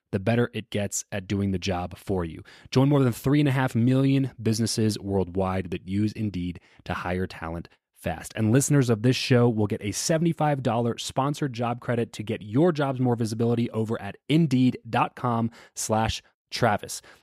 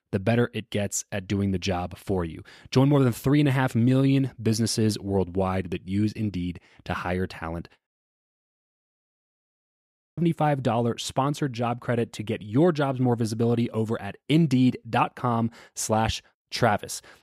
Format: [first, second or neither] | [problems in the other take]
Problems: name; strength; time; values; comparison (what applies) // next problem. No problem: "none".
first | audio cutting out; at 8 s for 2.5 s